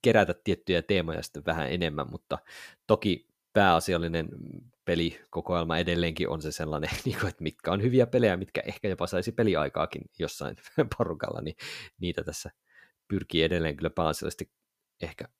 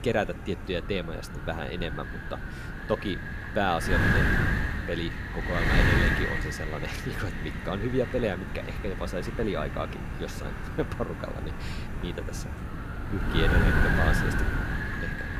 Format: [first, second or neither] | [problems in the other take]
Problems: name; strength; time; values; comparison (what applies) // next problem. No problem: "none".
first | wind noise on the microphone; heavy; 2 dB above the speech